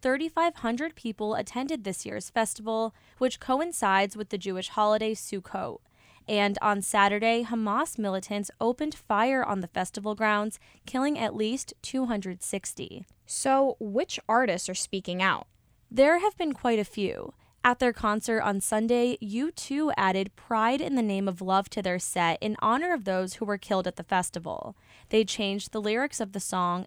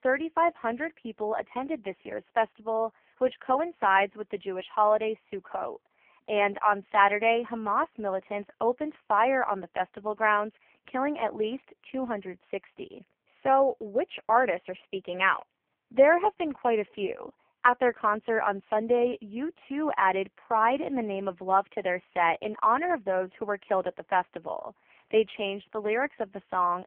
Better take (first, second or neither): first